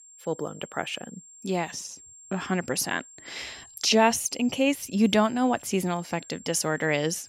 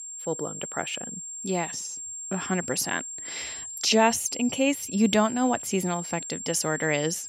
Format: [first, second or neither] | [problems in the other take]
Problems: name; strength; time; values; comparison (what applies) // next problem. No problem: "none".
first | high-pitched whine; loud; throughout; 7.5 kHz, 8 dB below the speech; faint in the first